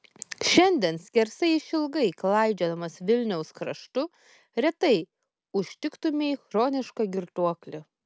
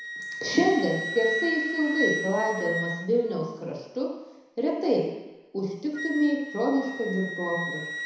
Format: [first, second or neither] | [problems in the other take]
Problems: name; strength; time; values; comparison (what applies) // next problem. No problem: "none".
first | background sound (Wind instrument, woodwind instrument); 7 dB below the speech // room echo; dies away in 1 s